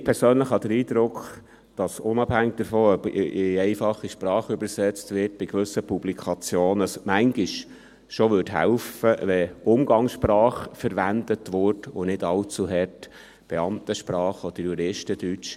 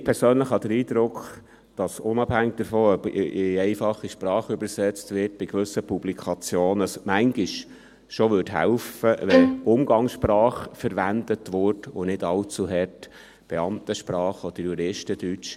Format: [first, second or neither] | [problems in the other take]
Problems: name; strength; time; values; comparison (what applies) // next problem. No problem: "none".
first | background sound (Bowed string instrument); 1 dB above the speech